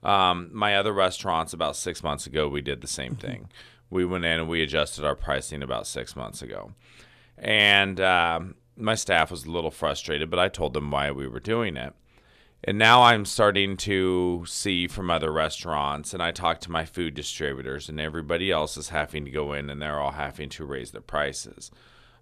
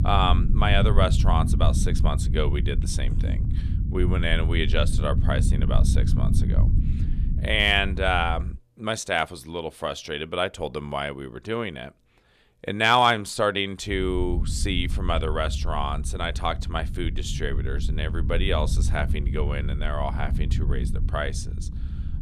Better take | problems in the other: first | low rumble; noticeable; until 8.5 s and from 14 s on; 15 dB below the speech

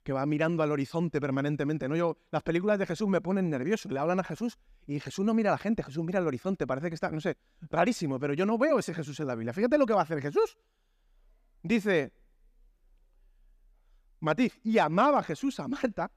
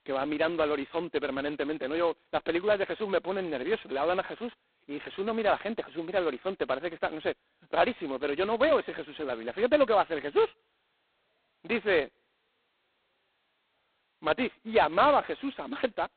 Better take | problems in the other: first | phone-call audio; poor line; nothing above 4 kHz

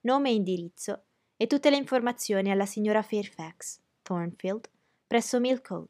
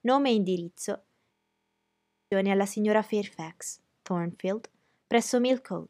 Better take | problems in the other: first | audio freezing; at 1.5 s for 1 s

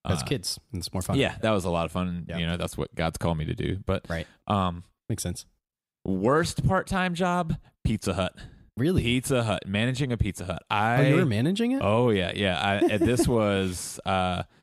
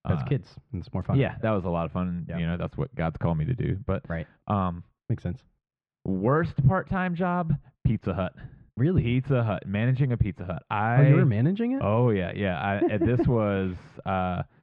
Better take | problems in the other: first | muffled; very; fading above 2 kHz

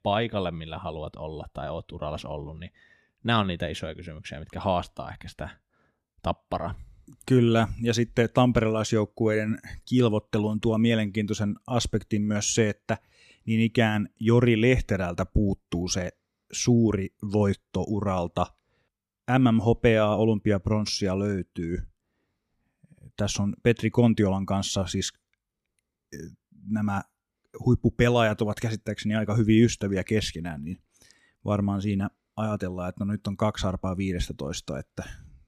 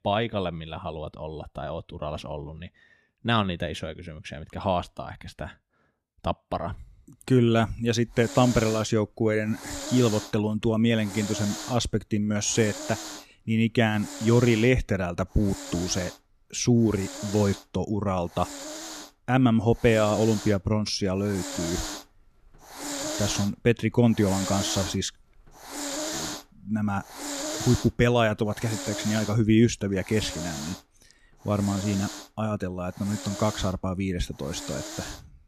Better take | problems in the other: first | hiss; loud; from 8 s on; 9 dB below the speech

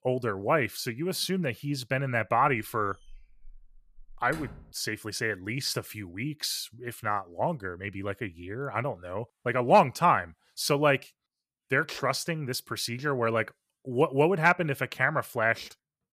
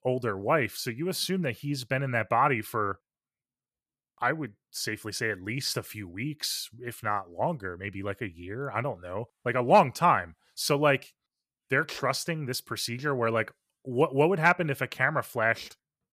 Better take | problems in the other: second | door banging; faint; from 2.5 to 4.5 s; peak 15 dB below the speech

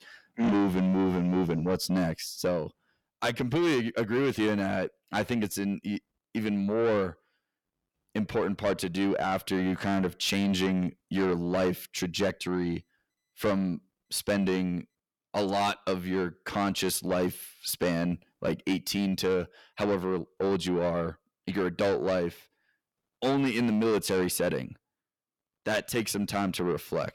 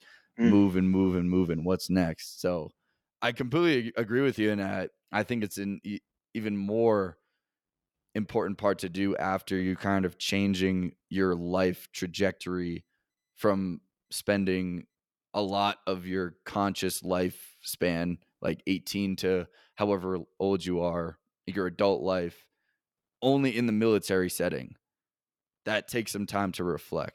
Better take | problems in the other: second | distortion; heavy; 8 dB below the speech

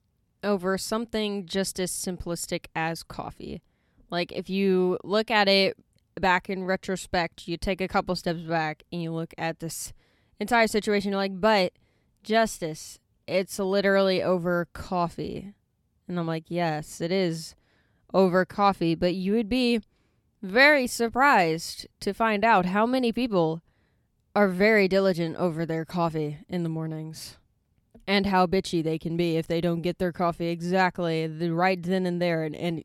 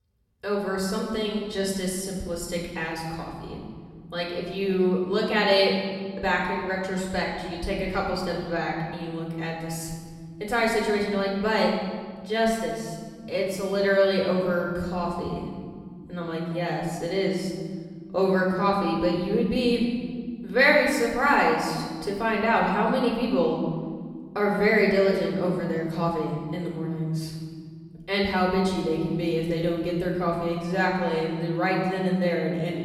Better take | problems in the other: first | off-mic speech; far // room echo; noticeable; dies away in 1.8 s

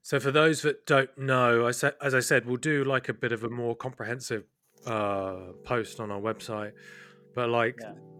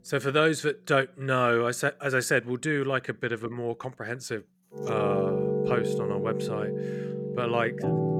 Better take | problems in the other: first | background music; loud; throughout; 2 dB below the speech; faint in the first

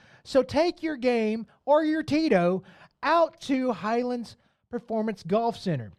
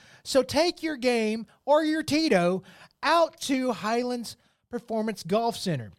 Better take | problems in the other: second | muffled; very slightly; fading above 2 kHz

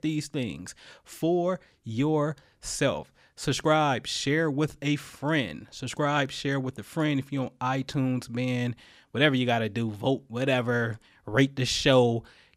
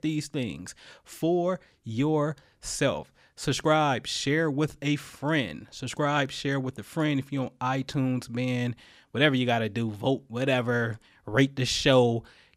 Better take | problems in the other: neither | none

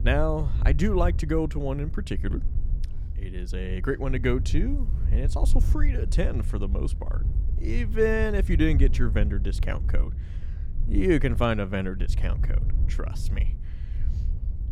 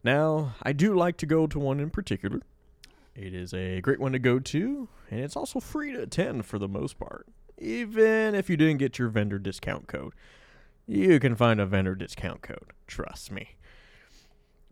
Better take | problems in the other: second | wind noise on the microphone; occasional gusts; 15 dB below the speech

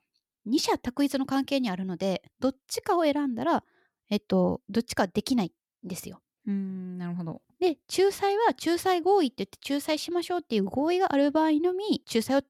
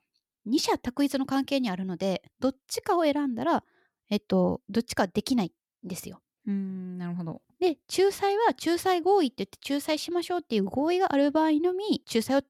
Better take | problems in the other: neither | none

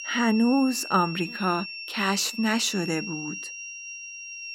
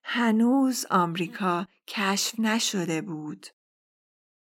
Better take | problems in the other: second | high-pitched whine; loud; throughout; 2.5 kHz, 10 dB below the speech

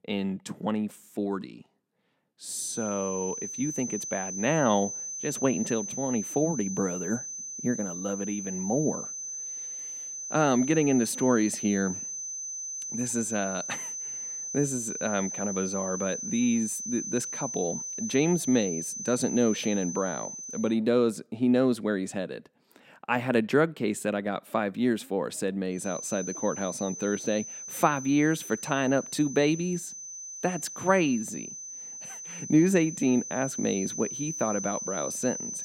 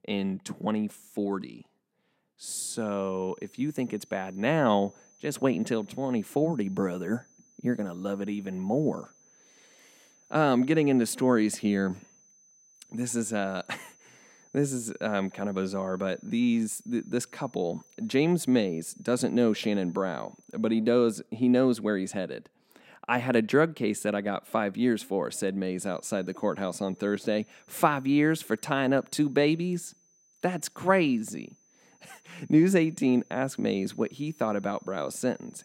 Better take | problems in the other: second | high-pitched whine; loud; from 2.5 to 21 s and from 26 s on; 6 kHz, 6 dB below the speech; faint in the second

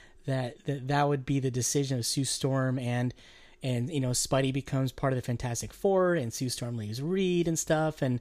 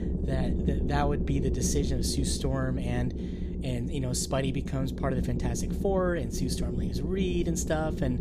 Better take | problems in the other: first | low rumble; loud; throughout; 7 dB below the speech

